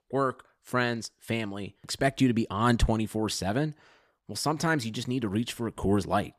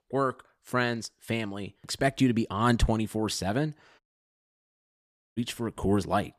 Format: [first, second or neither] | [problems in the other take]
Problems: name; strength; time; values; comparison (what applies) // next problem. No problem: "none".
first | audio cutting out; at 4 s for 1.5 s